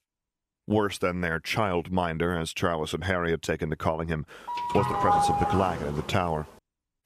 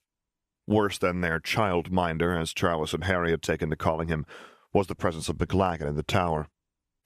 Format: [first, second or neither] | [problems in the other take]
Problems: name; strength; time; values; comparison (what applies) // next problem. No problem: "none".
second | doorbell; loud; from 4.5 to 6 s; peak 5 dB above the speech